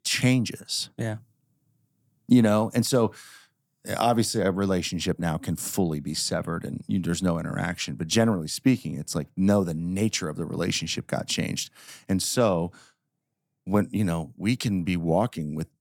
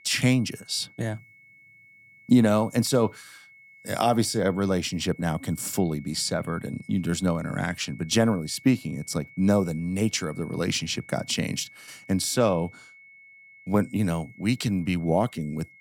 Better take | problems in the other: first | high-pitched whine; faint; throughout; 2 kHz, 25 dB below the speech

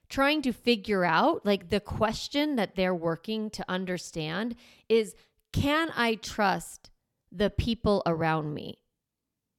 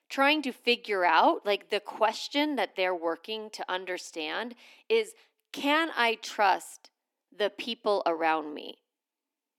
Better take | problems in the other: first | thin; somewhat; fading below 300 Hz

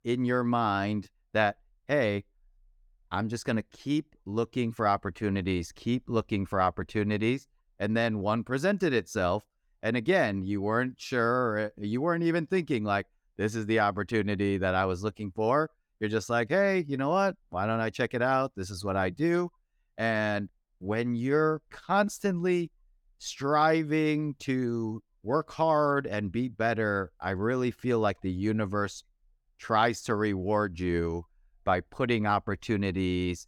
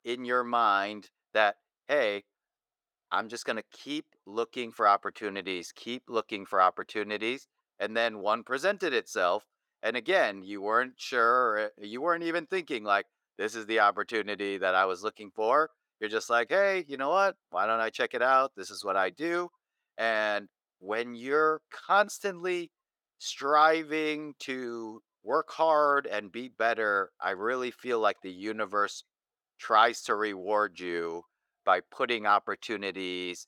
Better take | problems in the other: first | thin; very; fading below 500 Hz

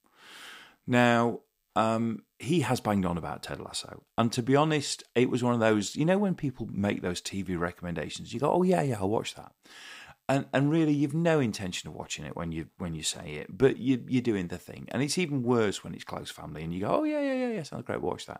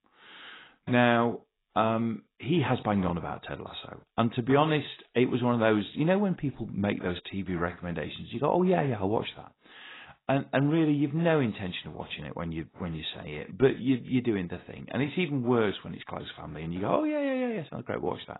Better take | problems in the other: first | garbled, watery; badly; nothing above 4 kHz

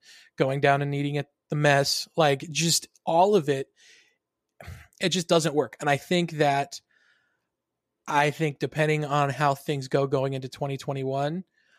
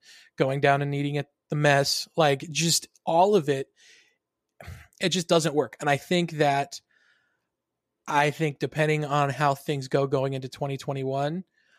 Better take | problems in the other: neither | none

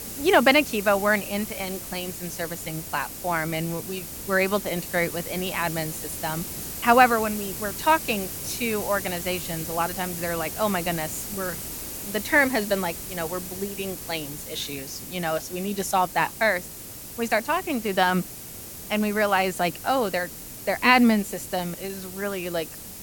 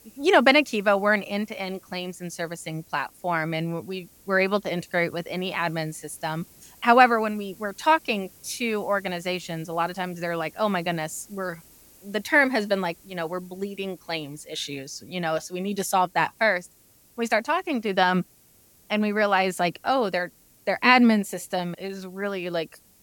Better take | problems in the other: second | hiss; loud; throughout; 9 dB below the speech; faint in the second

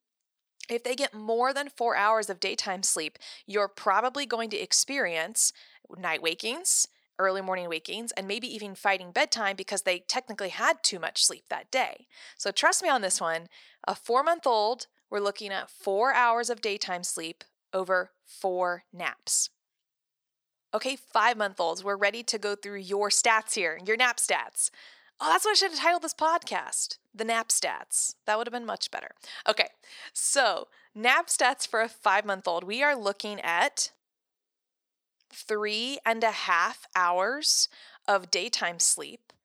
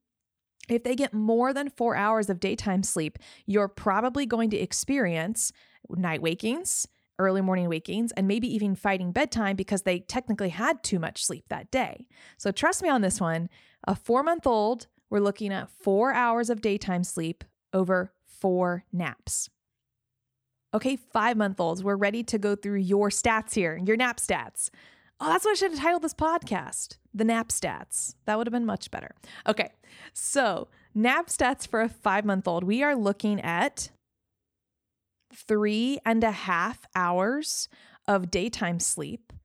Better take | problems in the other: second | thin; very; fading below 550 Hz

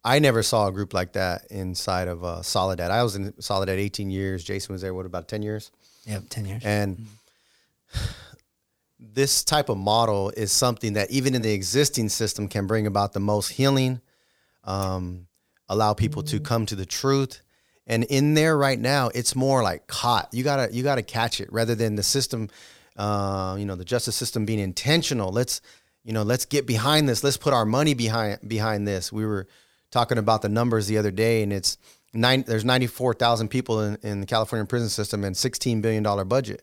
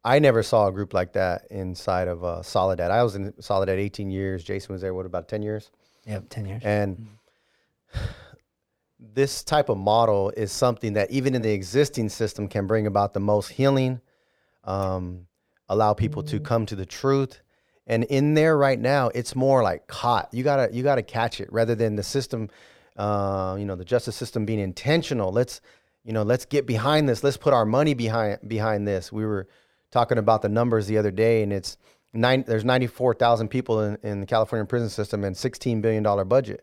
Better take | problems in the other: first | muffled; slightly; fading above 4 kHz

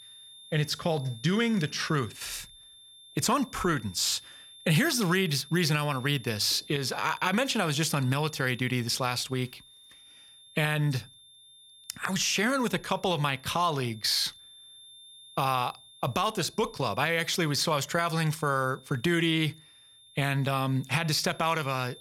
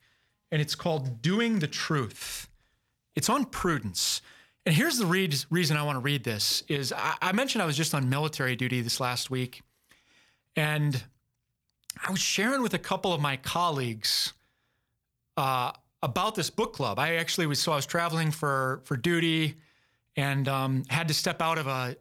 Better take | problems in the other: second | high-pitched whine; faint; throughout; 3.5 kHz, 20 dB below the speech

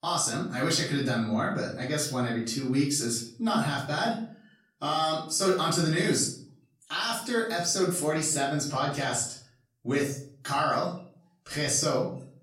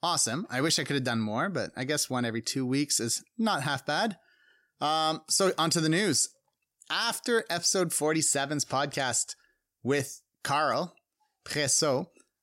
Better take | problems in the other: second | room echo; slight; dies away in 0.4 s // off-mic speech; far

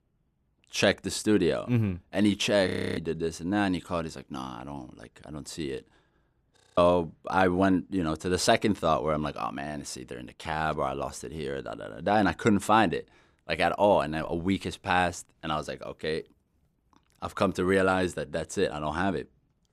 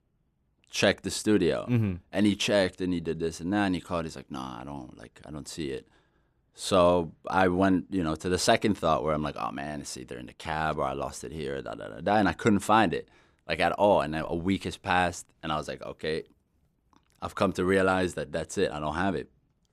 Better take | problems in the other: second | audio freezing; at 2.5 s and at 6.5 s

